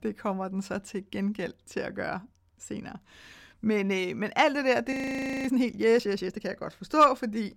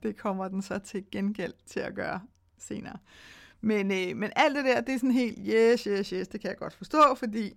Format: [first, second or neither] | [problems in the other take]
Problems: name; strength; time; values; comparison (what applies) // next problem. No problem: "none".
second | audio freezing; at 5 s for 0.5 s